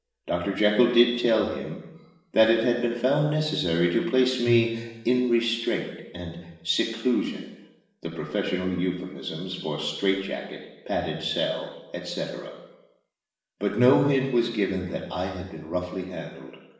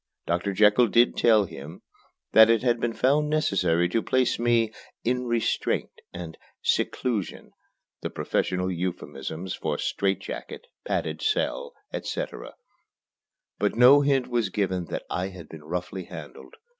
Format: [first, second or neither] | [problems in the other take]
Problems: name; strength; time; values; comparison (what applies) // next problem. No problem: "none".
second | room echo; dies away in 0.9 s